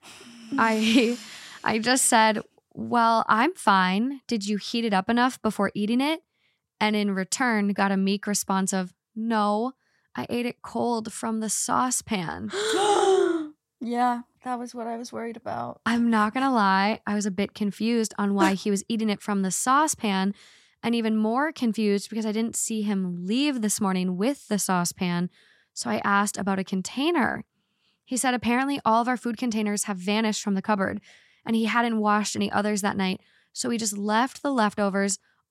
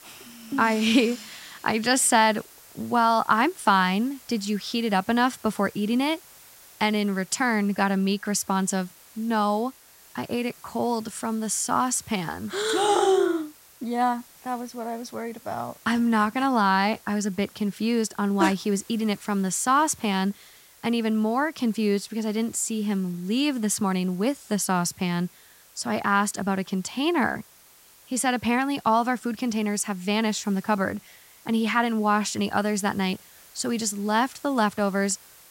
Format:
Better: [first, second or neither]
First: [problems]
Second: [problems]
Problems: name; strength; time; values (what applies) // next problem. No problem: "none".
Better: first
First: none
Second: hiss; faint; throughout; 25 dB below the speech